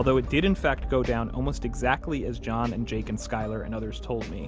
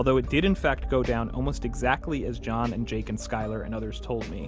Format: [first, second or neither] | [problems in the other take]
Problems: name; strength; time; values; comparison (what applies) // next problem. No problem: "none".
second | background sound (Rain); 19 dB below the speech